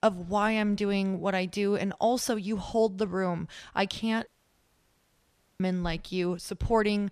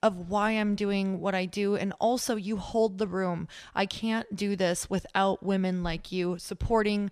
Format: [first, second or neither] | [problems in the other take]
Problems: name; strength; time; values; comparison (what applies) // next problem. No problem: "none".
second | audio cutting out; at 4.5 s for 1.5 s